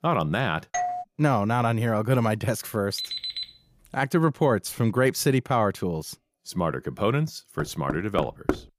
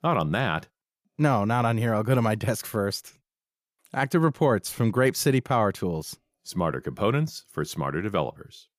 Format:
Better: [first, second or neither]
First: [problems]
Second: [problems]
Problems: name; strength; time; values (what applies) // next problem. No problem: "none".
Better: second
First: doorbell; noticeable; at 0.5 s; peak 3 dB below the speech // alarm; noticeable; at 3 s; peak 4 dB below the speech // door banging; noticeable; at 7.5 s; peak 4 dB below the speech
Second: none